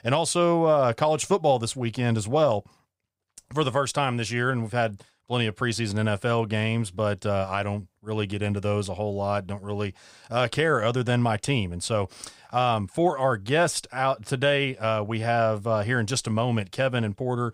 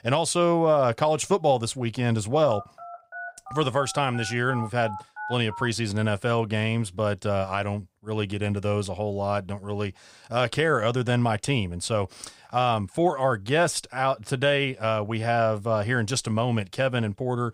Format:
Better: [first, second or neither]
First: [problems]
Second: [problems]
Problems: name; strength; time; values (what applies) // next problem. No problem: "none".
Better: first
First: none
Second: phone ringing; faint; from 2.5 to 5.5 s; peak 10 dB below the speech